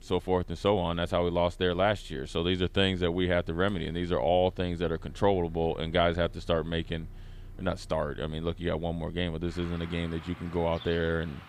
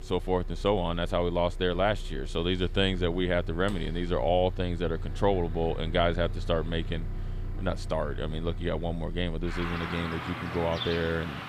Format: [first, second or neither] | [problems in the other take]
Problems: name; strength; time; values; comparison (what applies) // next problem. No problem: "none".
first | traffic noise; loud; throughout; 9 dB below the speech; faint in the first